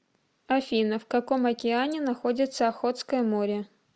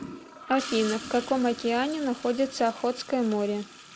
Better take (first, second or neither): first